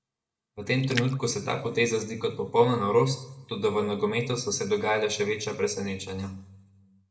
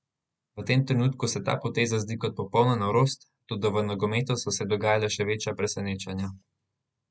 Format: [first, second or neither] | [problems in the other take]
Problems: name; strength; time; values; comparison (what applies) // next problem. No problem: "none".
second | background sound (Splash, splatter); 14 dB below the speech // room echo; dies away in 0.6 s